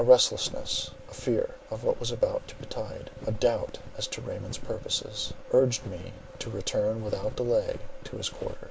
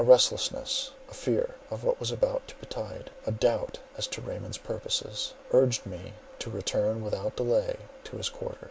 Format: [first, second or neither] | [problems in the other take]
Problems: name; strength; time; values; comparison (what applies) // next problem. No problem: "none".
second | background sound (Walk, footsteps); 12 dB below the speech